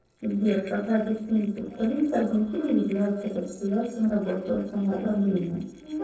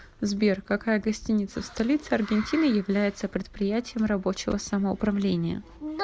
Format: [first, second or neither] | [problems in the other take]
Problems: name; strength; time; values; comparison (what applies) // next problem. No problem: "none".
second | noise reduction (neural separator model SepFormer DNS4)